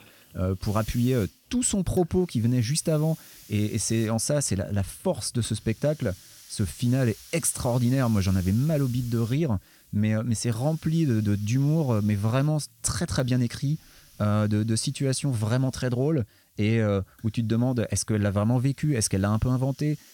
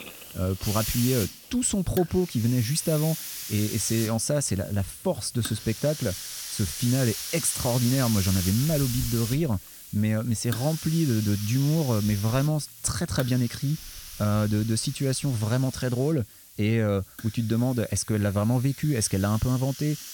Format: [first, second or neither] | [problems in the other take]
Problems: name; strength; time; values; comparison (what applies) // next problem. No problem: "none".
first | hiss; loud; throughout; 9 dB below the speech; faint in the first